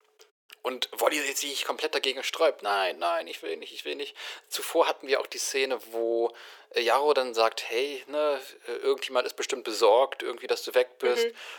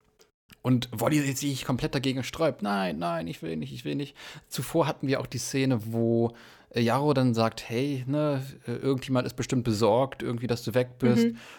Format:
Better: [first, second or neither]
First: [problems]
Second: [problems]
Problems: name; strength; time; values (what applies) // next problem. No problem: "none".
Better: second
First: thin; very; fading below 400 Hz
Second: none